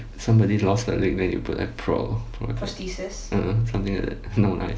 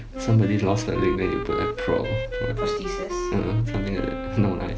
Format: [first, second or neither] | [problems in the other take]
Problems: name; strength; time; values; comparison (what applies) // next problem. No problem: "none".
first | background sound (Wind instrument, woodwind instrument); 5 dB below the speech